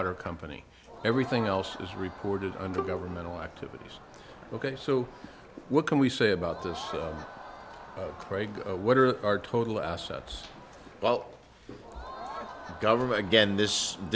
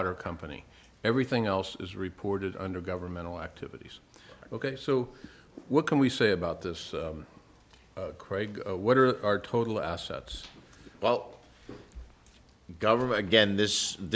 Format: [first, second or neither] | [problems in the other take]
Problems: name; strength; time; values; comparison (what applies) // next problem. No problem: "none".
second | background sound (Crowd + Bowed string instrument); 14 dB below the speech